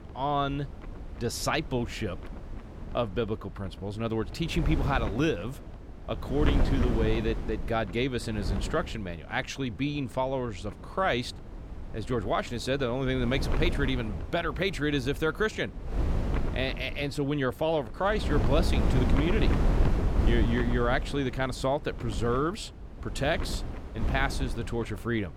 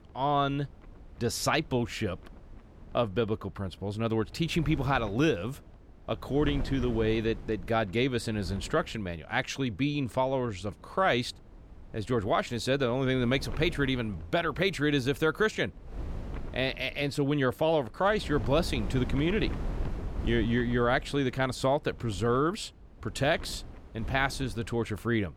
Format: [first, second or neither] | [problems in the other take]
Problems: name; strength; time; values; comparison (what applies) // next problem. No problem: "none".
second | wind noise on the microphone; heavy; 9 dB below the speech; occasional gusts in the second